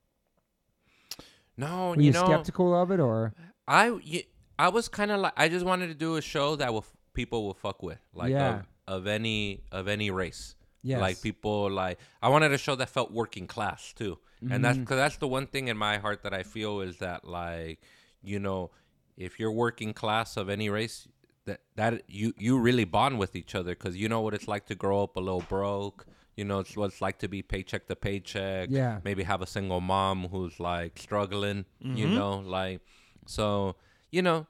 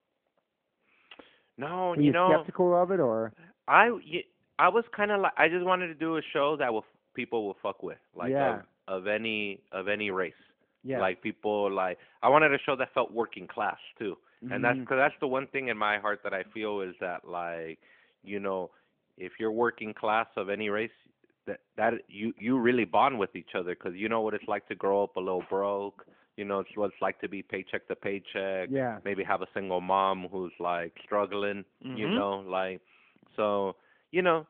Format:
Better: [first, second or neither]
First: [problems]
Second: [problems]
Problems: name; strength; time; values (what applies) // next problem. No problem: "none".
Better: first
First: none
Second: phone-call audio; nothing above 3.5 kHz